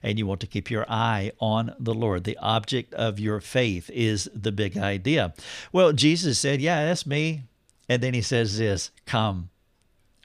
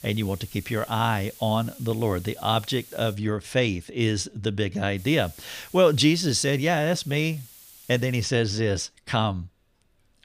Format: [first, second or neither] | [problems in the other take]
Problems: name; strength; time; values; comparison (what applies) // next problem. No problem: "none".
first | hiss; faint; until 3 s and from 5 to 8 s; 20 dB below the speech